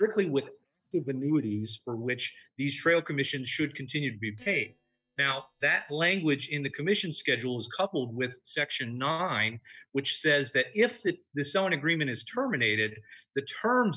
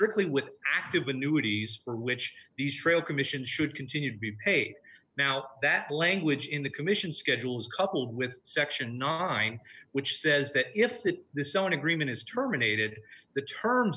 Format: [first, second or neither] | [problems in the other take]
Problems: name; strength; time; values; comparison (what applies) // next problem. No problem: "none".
second | noise reduction (neural mask model DeepFilterNet 3)